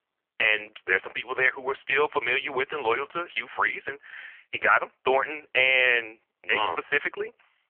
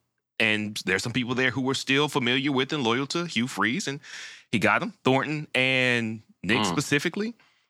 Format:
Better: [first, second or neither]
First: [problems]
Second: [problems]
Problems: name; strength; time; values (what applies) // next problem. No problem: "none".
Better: second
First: phone-call audio; poor line; nothing above 3 kHz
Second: none